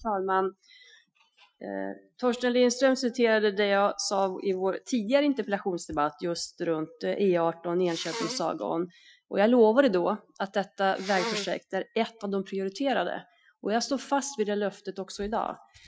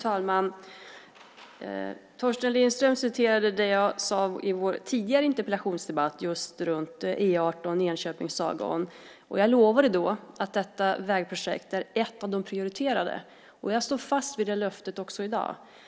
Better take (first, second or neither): second